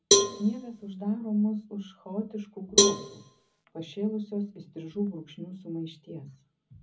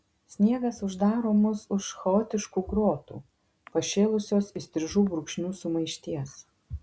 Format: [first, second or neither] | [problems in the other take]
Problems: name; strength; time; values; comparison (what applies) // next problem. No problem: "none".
second | background sound (Cowbell); 3 dB above the speech // room echo; dies away in 0.4 s